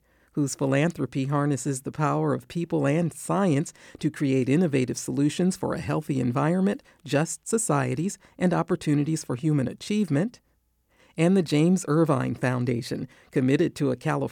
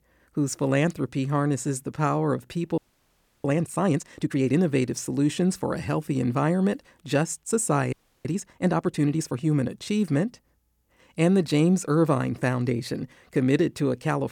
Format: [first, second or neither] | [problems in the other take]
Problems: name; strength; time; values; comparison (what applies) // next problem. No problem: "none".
first | audio freezing; at 3 s for 0.5 s and at 8 s